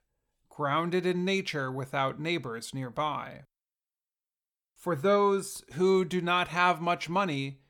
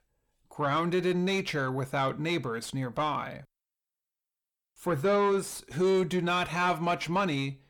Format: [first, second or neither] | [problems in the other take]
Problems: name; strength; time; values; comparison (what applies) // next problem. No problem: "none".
first | distortion; slight; 10 dB below the speech